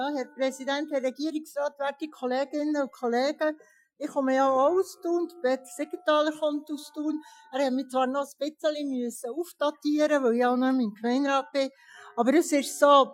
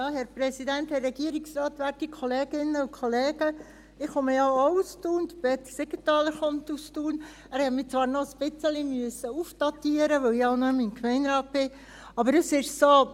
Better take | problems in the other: second | noise reduction (classical method Wiener filter)

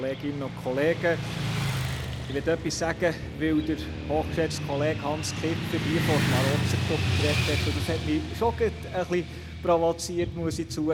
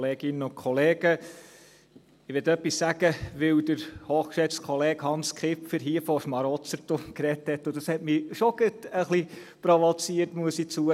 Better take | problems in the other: second | background sound (Motorcycle / Traffic noise, roadway noise); 1 dB below the speech

